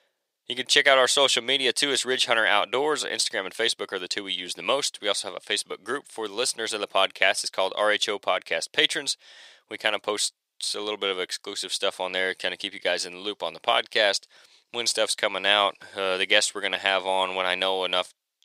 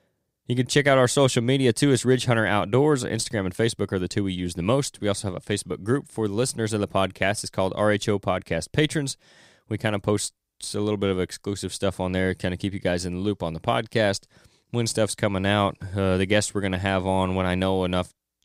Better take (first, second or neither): second